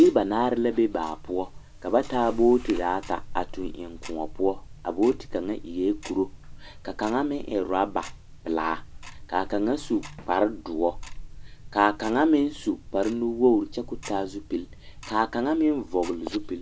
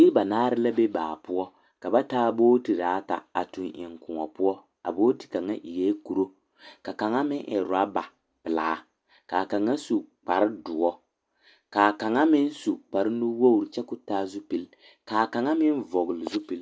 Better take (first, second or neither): second